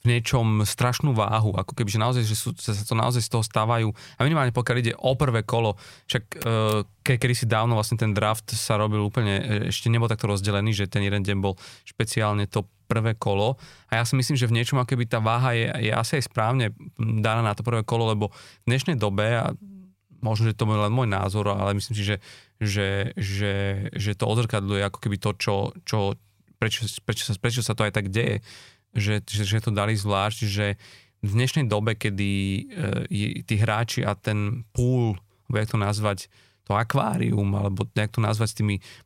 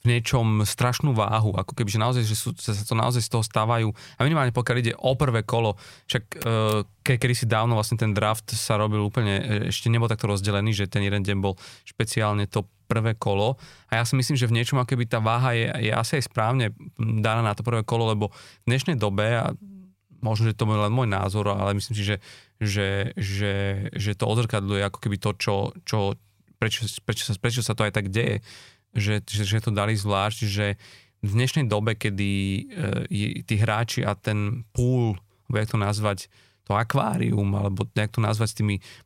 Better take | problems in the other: neither | none

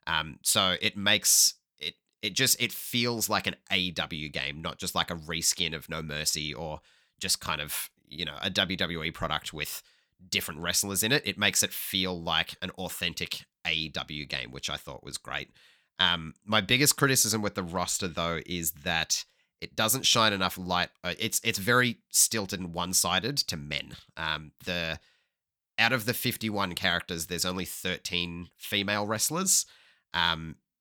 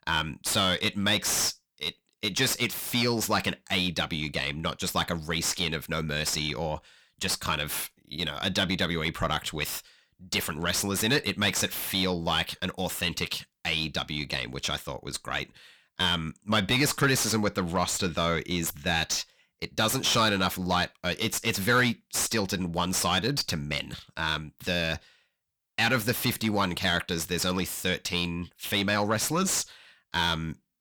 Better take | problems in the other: first | distortion; heavy; 6 dB below the speech

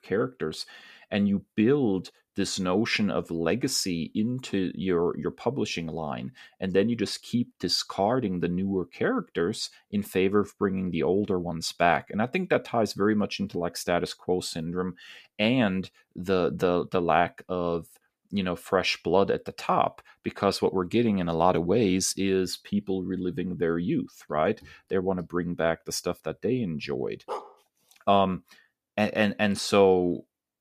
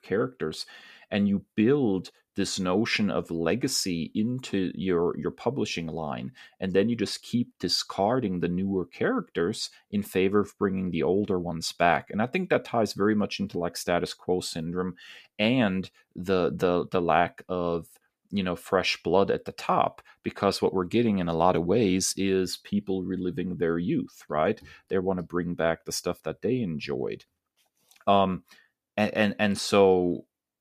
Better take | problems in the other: second | dog barking; faint; at 27 s; peak 10 dB below the speech

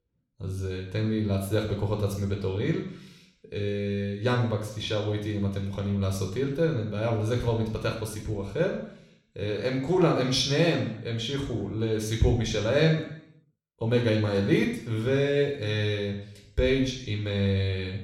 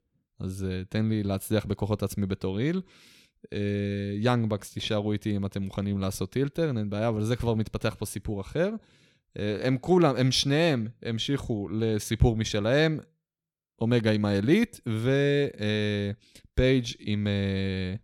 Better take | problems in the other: second | room echo; noticeable; dies away in 0.7 s // off-mic speech; somewhat distant

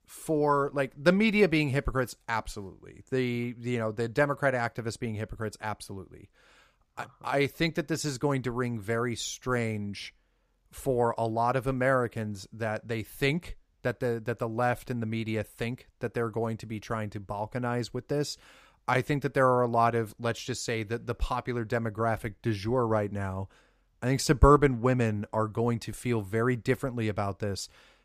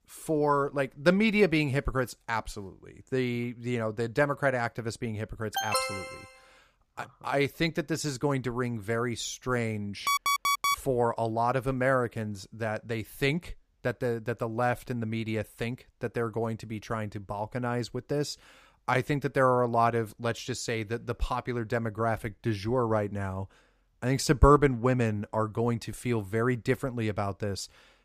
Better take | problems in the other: first | alarm; loud; at 5.5 s and at 10 s; peak 3 dB above the speech

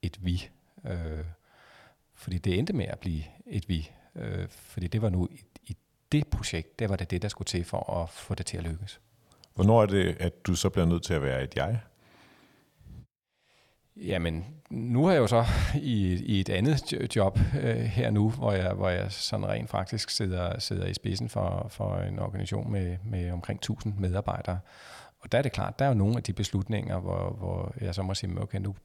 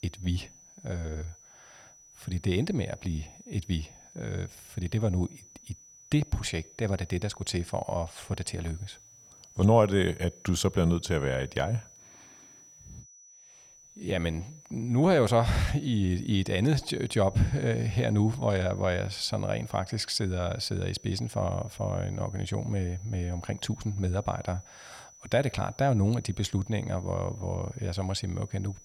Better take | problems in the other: first | high-pitched whine; faint; throughout; 6 kHz, 20 dB below the speech

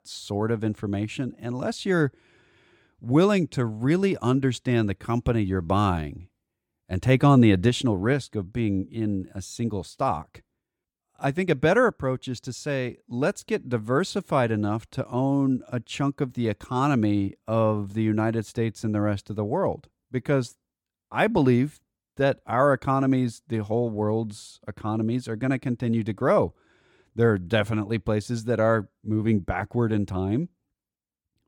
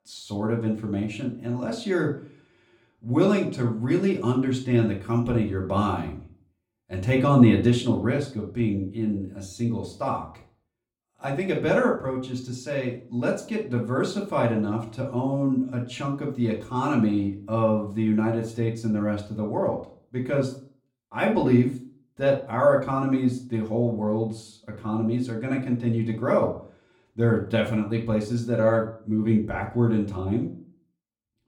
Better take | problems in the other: first | room echo; slight; dies away in 0.3 s // off-mic speech; far

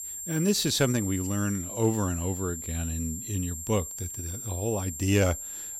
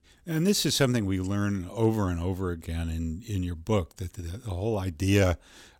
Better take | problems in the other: second | high-pitched whine; loud; throughout; 7.5 kHz, 6 dB below the speech

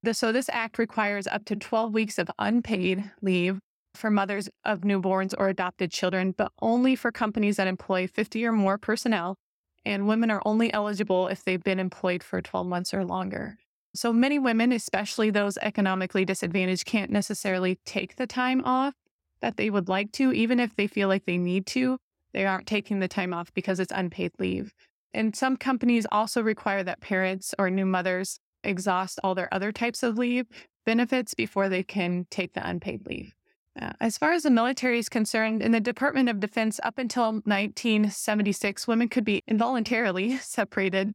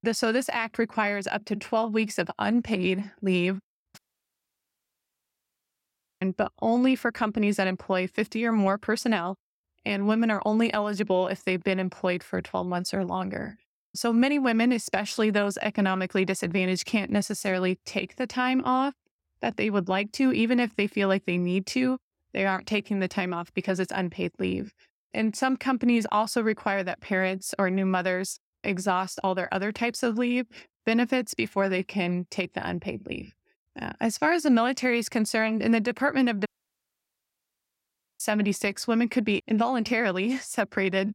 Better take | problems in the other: first | audio cutting out; at 4 s for 2 s and at 36 s for 1.5 s

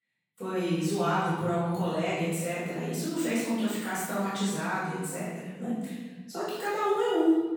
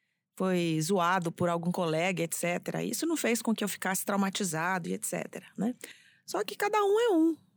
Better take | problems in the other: second | off-mic speech; far // room echo; strong; dies away in 1.6 s

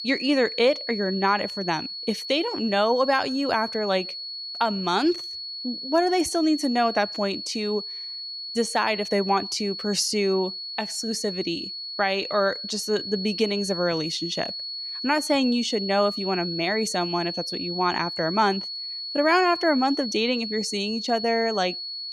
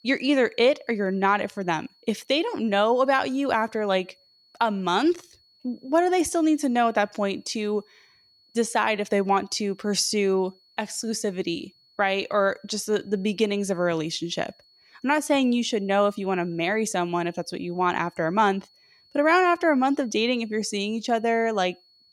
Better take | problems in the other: second | high-pitched whine; loud; throughout; 4.5 kHz, 6 dB below the speech; faint in the second

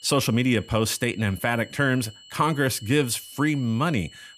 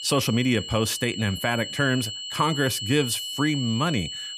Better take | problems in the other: first | high-pitched whine; loud; throughout; 3 kHz, 7 dB below the speech; faint in the first

